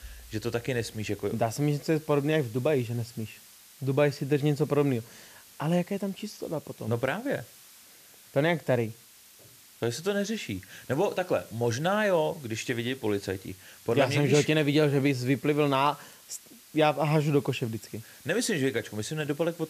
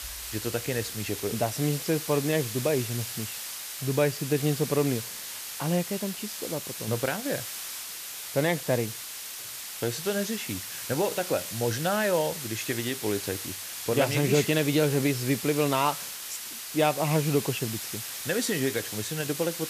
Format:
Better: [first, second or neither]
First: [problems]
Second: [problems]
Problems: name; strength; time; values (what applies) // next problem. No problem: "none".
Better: first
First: hiss; faint; throughout; 20 dB below the speech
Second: hiss; loud; throughout; 6 dB below the speech